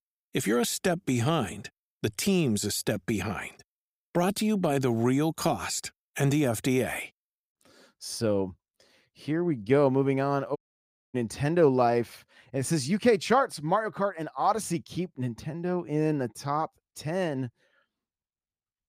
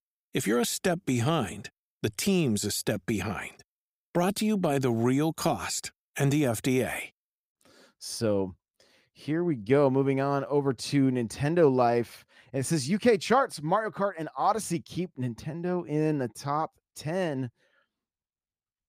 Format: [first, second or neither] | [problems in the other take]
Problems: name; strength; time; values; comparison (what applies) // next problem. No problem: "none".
second | audio cutting out; at 11 s for 0.5 s